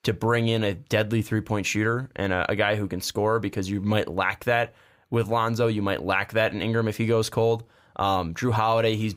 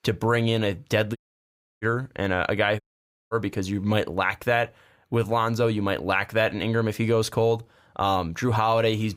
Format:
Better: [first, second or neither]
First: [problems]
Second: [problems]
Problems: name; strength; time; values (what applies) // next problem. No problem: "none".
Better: first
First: none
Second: audio cutting out; at 1 s for 0.5 s and at 3 s for 0.5 s